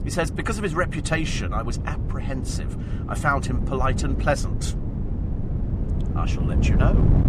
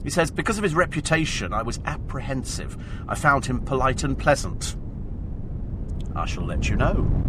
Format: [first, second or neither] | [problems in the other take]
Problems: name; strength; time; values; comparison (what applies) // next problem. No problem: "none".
second | wind noise on the microphone; heavy; 10 dB below the speech; occasional gusts in the second